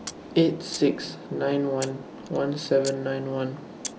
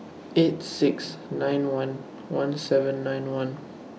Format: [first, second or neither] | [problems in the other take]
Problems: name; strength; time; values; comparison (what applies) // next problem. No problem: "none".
second | background sound (Camera); 17 dB below the speech